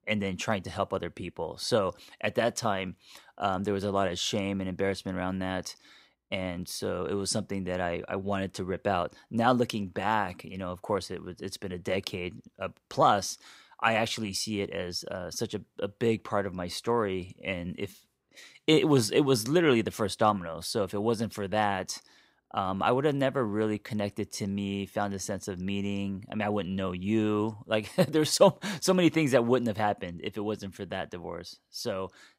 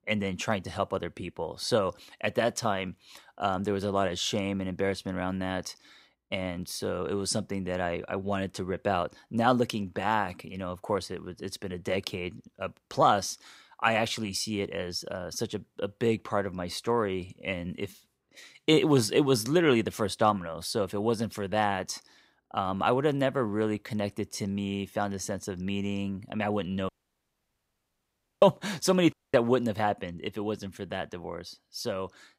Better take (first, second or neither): first